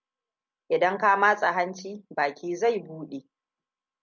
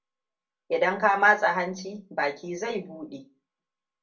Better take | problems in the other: first | room echo; dies away in 0.2 s

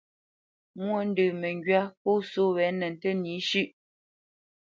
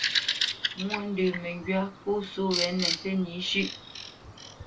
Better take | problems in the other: first | background sound (Bird vocalization, bird call, bird song); 2 dB below the speech // room echo; dies away in 0.2 s

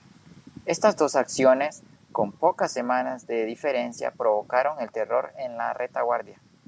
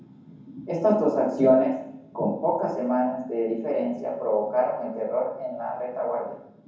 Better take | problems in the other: first | room echo; dies away in 0.9 s

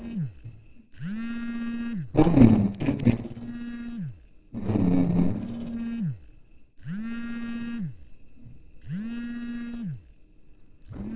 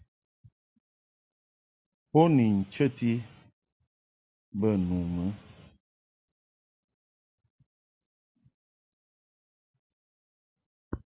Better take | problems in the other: second | noise reduction (neural separator model SepFormer DNS4)

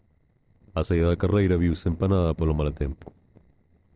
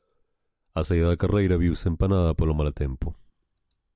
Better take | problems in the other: second | noise reduction (neural separator model SepFormer DNS4)

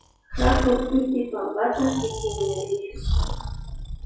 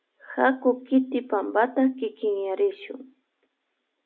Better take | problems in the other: second | noise reduction (classical method WPE with log-MMSE)

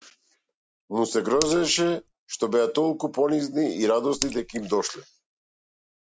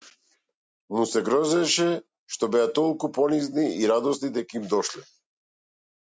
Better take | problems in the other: second | background sound (Raindrop / Splash, splatter); 10 dB below the speech

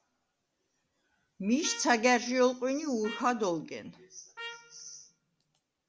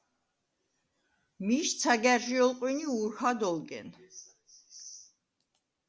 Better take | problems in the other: second | background sound (Trumpet); 17 dB below the speech

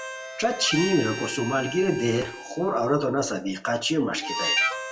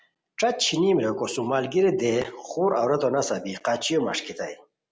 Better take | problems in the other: second | background sound (Harmonica); 7 dB below the speech // room echo; dies away in 0.2 s

